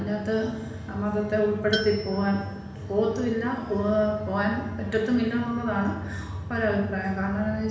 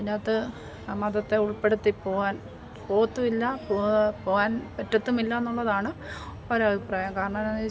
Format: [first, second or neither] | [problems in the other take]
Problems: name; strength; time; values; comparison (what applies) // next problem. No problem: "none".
second | background sound (Tools); 14 dB below the speech // room echo; dies away in 1.1 s